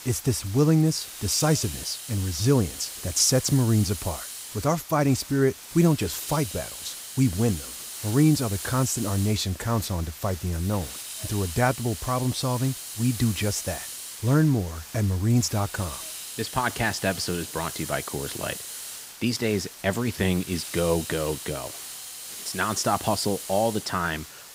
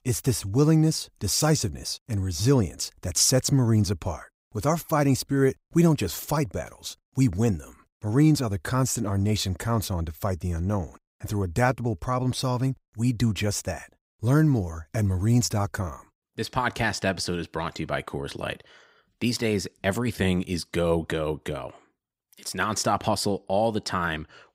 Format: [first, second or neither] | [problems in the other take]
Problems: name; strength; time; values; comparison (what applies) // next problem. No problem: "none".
second | hiss; loud; throughout; 10 dB below the speech